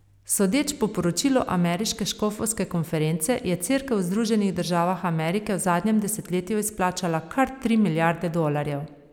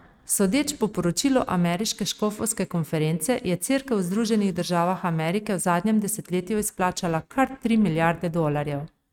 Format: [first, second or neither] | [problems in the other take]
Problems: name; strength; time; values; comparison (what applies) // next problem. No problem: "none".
first | noise reduction (neural mask model RNNoise)